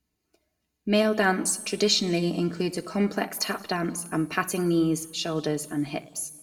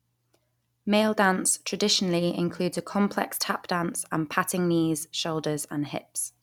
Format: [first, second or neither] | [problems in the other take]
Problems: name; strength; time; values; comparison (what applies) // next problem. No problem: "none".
second | room echo; dies away in 1 s